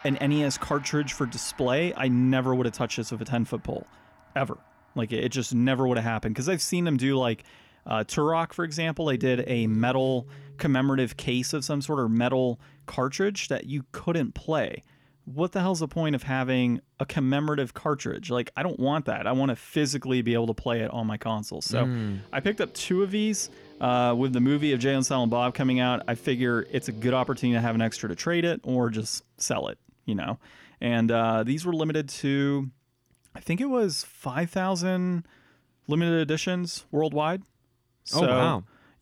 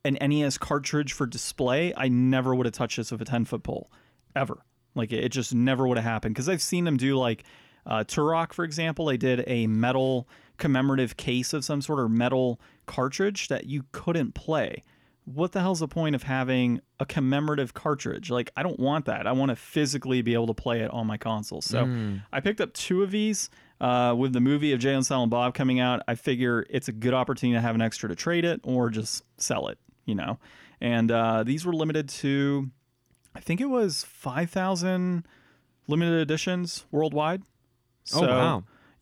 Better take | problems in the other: second | background music; faint; until 28 s; 25 dB below the speech

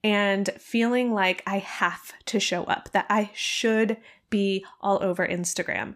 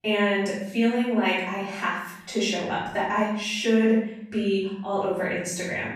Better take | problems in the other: first | off-mic speech; far // room echo; noticeable; dies away in 0.8 s

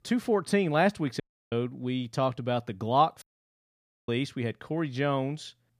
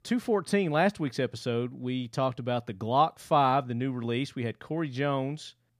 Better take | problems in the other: second | audio cutting out; at 1 s and at 3 s for 1 s

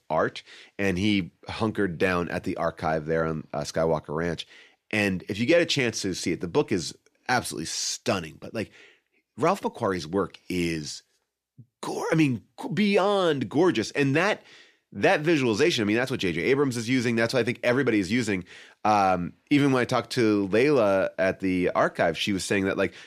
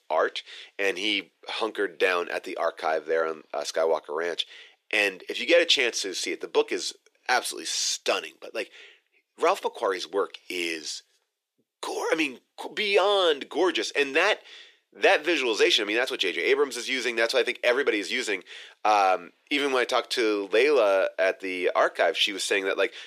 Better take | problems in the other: first | thin; very; fading below 400 Hz

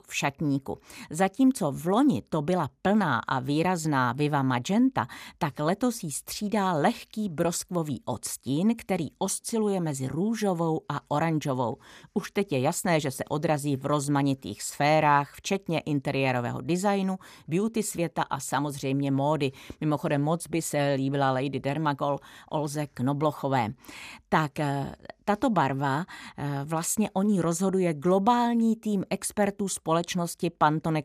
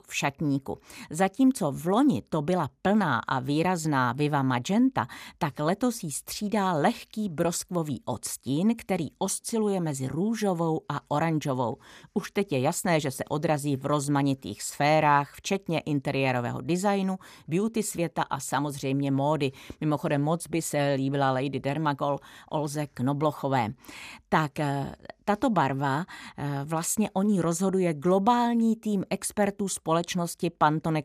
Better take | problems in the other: neither | none

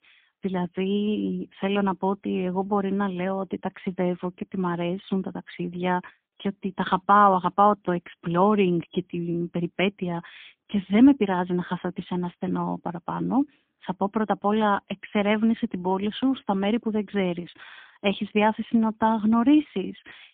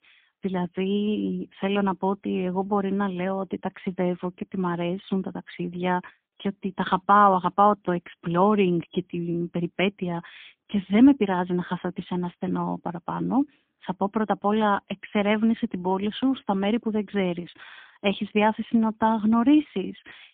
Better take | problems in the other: neither | phone-call audio; poor line; nothing above 3.5 kHz; the same in both

